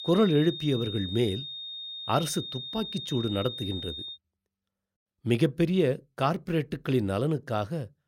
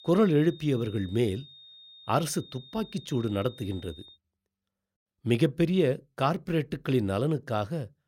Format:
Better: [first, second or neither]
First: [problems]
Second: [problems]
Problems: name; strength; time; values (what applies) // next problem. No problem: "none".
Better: second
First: high-pitched whine; loud; until 4 s; 3.5 kHz, 8 dB below the speech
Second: high-pitched whine; faint; until 4 s; 3.5 kHz, 20 dB below the speech